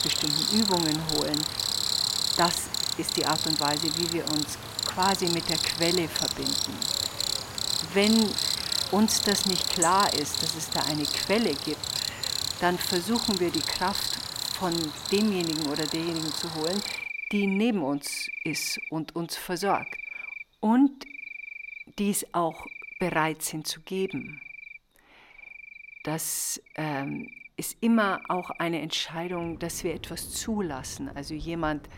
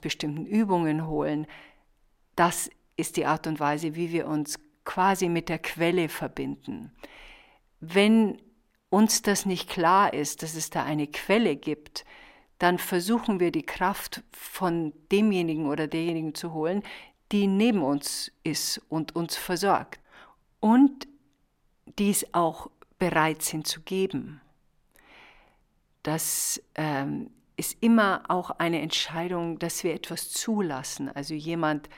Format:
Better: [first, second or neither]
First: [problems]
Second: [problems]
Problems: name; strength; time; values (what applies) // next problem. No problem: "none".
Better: second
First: animal sounds; very loud; throughout; 1 dB above the speech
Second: none